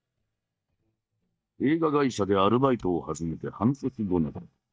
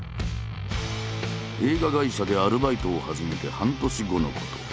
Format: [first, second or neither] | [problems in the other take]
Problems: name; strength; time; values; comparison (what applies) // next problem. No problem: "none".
second | noise reduction (neural mask model DeepFilterNet 3)